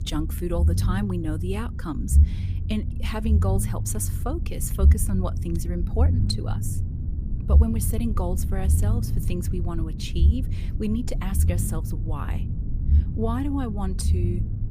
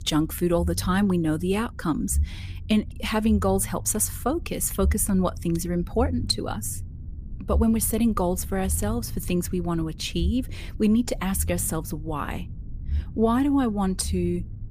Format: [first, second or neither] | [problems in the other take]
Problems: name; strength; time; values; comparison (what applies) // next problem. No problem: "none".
second | low rumble; loud; throughout; 7 dB below the speech; faint in the second